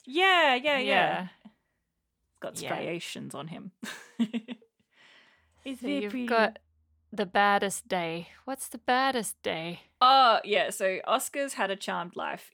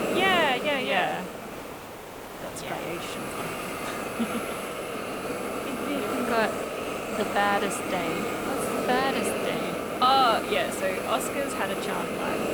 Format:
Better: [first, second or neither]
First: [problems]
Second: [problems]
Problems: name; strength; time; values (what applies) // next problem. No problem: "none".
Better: first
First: none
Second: hiss; loud; throughout; 3 dB below the speech